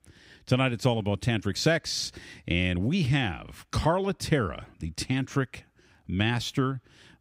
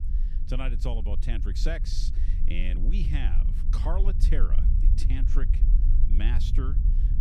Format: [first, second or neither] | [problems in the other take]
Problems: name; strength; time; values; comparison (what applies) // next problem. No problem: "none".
first | low rumble; loud; throughout; 8 dB below the speech